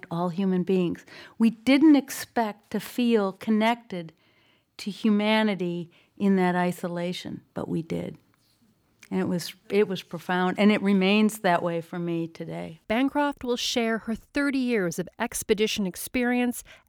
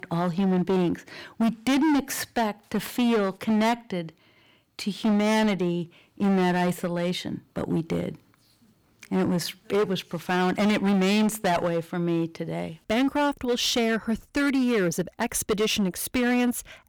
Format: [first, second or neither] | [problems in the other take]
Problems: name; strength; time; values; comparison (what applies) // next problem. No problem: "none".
first | distortion; heavy; 14% of the sound clipped